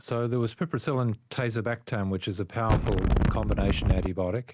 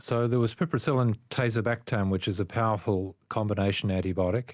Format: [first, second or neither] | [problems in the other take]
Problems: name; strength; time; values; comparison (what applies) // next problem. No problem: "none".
second | background sound (Wind); 5 dB above the speech